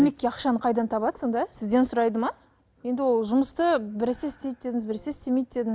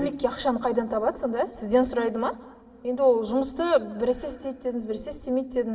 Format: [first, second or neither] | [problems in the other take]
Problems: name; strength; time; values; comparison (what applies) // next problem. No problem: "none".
first | room echo; dies away in 2.3 s